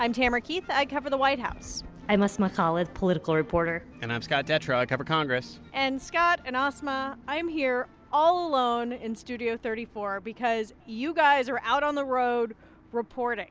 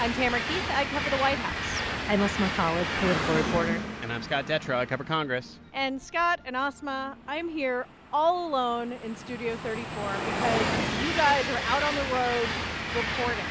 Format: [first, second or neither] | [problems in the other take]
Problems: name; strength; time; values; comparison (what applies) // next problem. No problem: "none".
first | background sound (Train); 3 dB below the speech